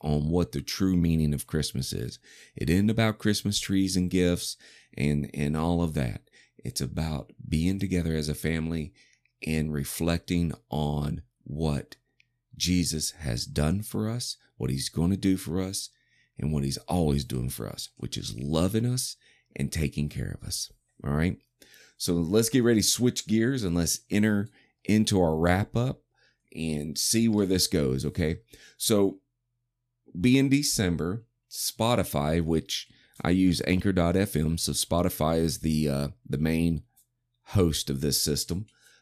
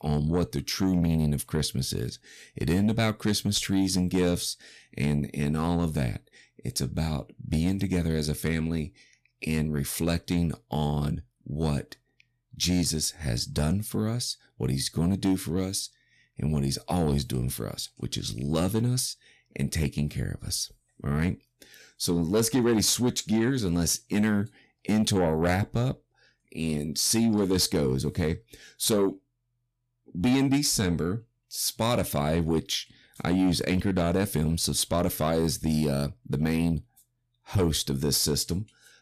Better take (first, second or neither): first